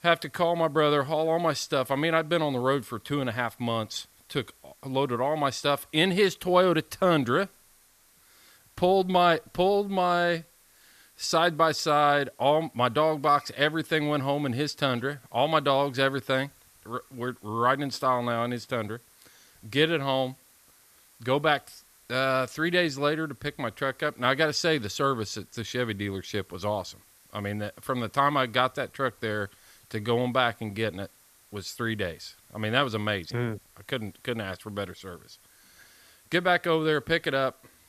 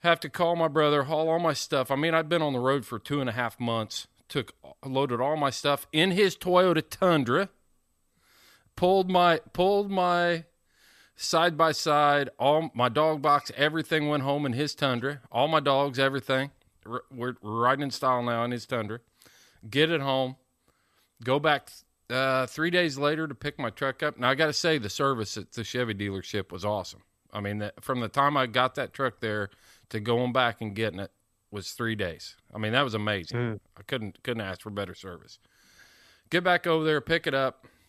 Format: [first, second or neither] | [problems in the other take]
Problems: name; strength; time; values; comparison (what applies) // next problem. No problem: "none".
second | hiss; faint; throughout; 30 dB below the speech